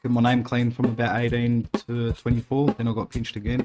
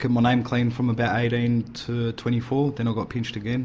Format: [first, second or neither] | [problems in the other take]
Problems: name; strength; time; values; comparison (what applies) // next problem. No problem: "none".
second | noise reduction (neural mask model RNNoise)